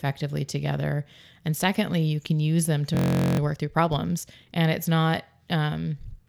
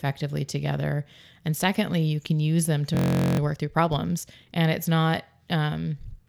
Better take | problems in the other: neither | audio freezing; at 3 s; the same in both

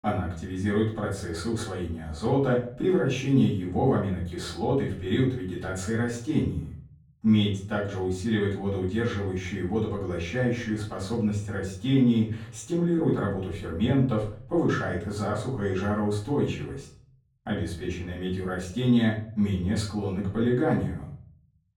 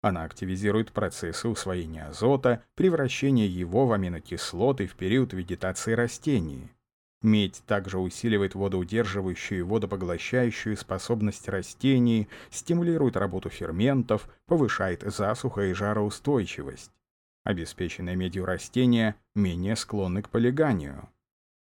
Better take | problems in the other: second | off-mic speech; far // room echo; slight; dies away in 0.5 s

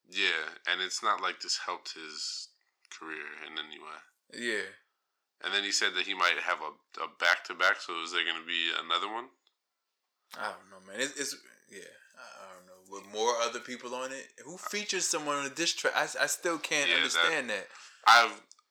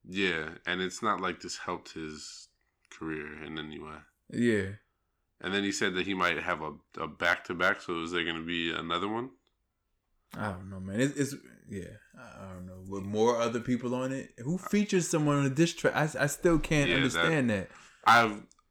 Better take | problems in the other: second | thin; very; fading below 650 Hz

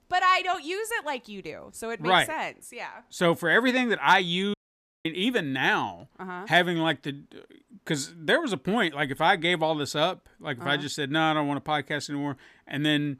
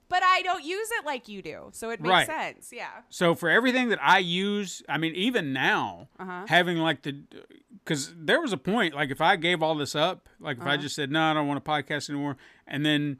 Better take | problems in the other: second | audio cutting out; at 4.5 s for 0.5 s

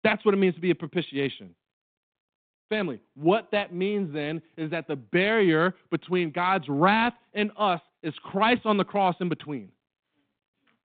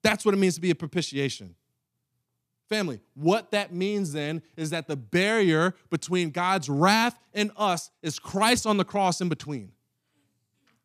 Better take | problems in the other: second | phone-call audio; nothing above 4 kHz

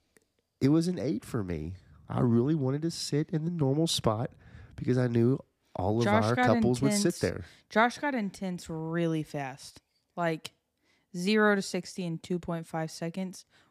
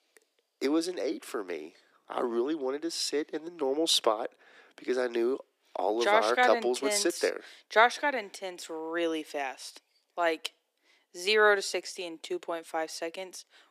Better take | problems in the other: first | thin; very; fading below 350 Hz

